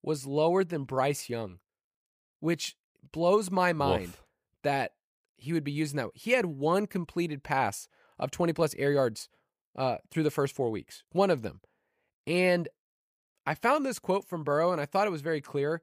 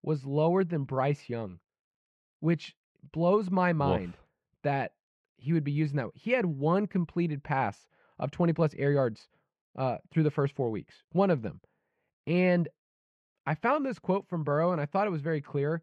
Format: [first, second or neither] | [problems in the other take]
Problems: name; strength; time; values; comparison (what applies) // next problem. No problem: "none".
first | muffled; slightly; fading above 2.5 kHz